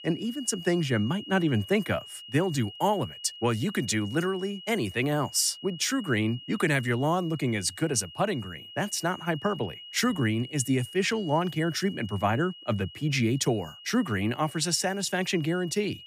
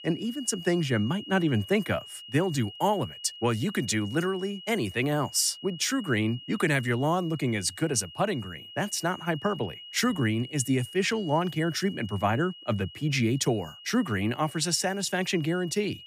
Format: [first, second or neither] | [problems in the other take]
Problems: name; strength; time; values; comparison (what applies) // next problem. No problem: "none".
neither | high-pitched whine; noticeable; throughout; 3 kHz, 15 dB below the speech; the same in both